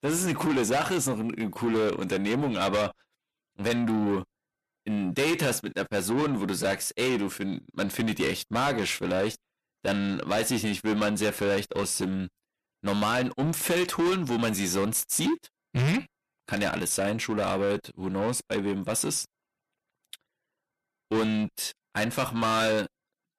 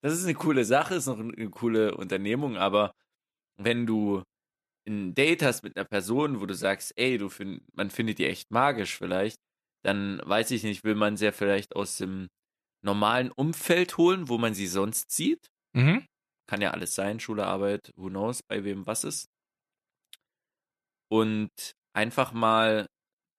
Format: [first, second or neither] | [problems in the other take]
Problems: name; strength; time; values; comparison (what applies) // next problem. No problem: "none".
second | distortion; heavy; 6 dB below the speech